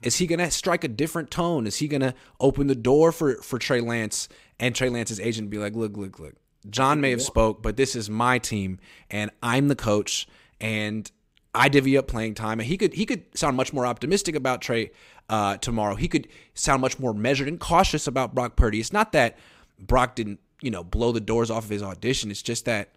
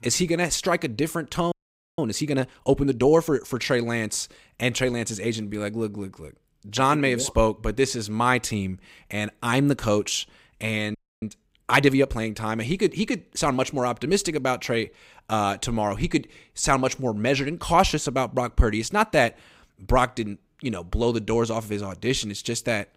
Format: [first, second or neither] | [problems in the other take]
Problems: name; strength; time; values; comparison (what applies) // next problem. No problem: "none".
first | audio freezing; at 1.5 s and at 11 s